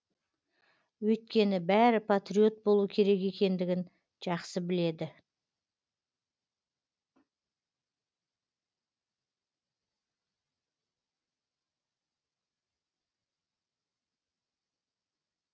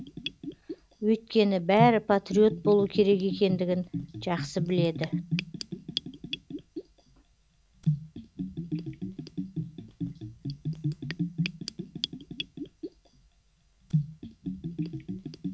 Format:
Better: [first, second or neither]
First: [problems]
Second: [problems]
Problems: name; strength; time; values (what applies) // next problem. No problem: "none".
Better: first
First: none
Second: background sound (Bathtub (filling or washing) / Gurgling); 5 dB below the speech